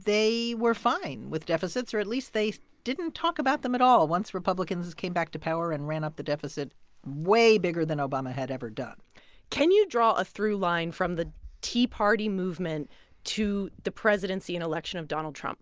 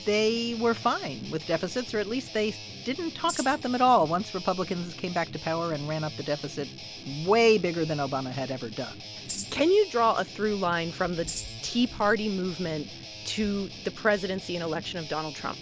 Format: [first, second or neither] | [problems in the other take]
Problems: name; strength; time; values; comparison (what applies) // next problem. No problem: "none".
first | background sound (Tambourine + Guitar); 13 dB below the speech